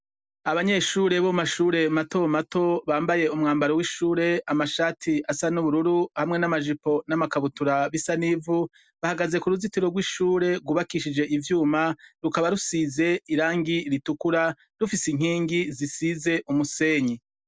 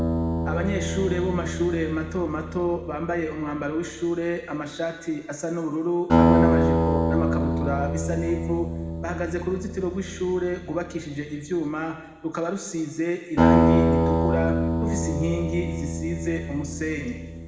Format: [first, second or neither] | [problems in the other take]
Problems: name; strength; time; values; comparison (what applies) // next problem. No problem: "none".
first | background sound (Acoustic guitar); 3 dB above the speech // room echo; dies away in 1.4 s